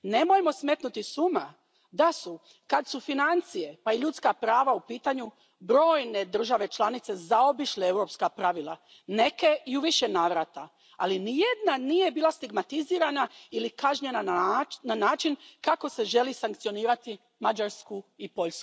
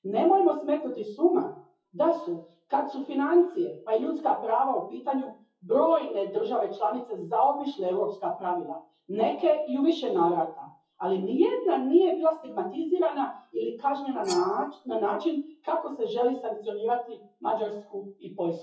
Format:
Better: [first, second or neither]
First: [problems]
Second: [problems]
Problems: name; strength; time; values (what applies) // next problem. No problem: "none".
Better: first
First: none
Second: noise reduction (classical method WPE with log-MMSE)